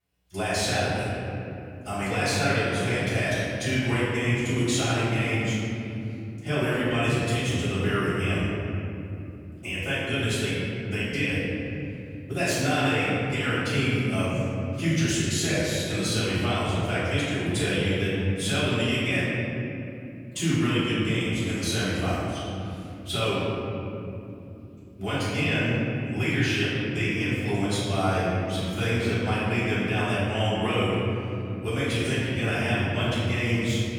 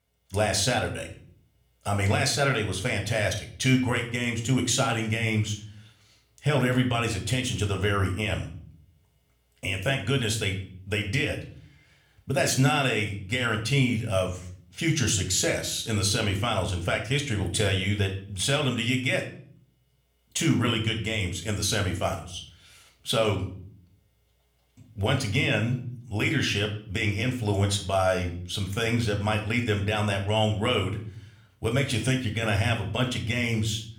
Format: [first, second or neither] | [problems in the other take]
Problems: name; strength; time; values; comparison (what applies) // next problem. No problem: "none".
second | room echo; strong; dies away in 3 s; slight in the second // off-mic speech; far